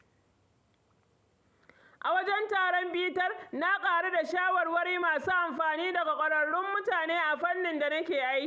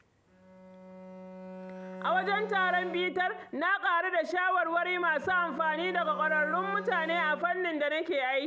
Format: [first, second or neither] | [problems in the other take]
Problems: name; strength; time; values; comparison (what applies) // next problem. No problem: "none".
first | background sound (Bowed string instrument); 15 dB below the speech